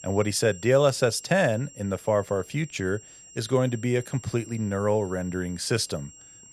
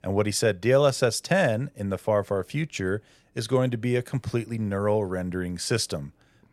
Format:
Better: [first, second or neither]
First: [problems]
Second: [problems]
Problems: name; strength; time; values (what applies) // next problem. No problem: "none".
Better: second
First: high-pitched whine; noticeable; throughout; 7.5 kHz, 20 dB below the speech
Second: none